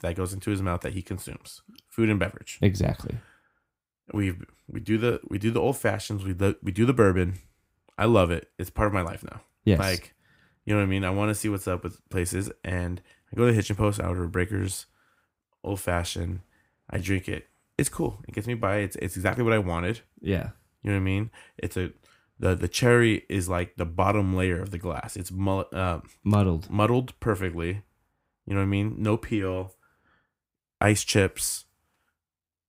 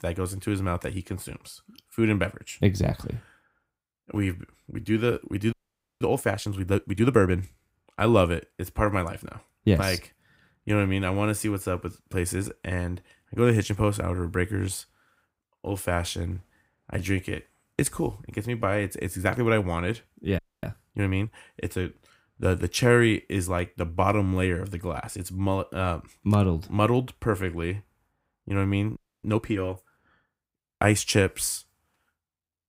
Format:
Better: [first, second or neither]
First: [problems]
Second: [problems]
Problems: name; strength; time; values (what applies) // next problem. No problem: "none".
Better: first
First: none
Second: audio freezing; at 5.5 s, at 20 s and at 29 s